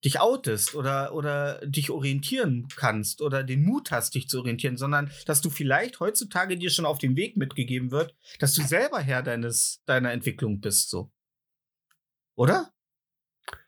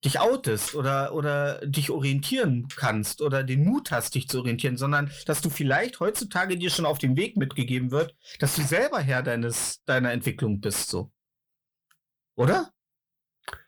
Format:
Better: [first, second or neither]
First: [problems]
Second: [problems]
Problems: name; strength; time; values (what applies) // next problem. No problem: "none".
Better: first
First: none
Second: distortion; slight; 10 dB below the speech